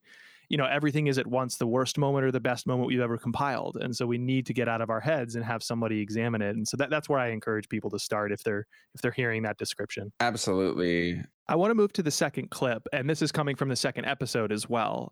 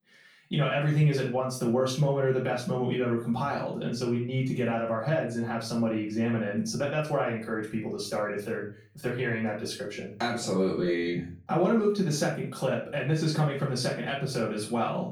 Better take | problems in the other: first | off-mic speech; far // room echo; slight; dies away in 0.3 s

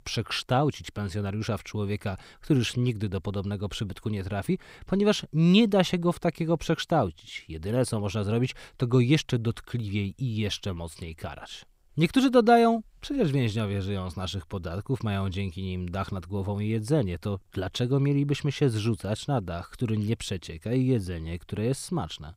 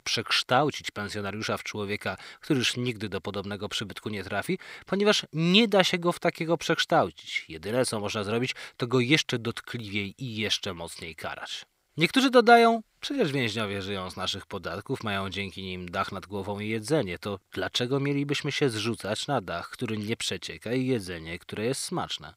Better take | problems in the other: first | thin; very slightly; fading below 450 Hz

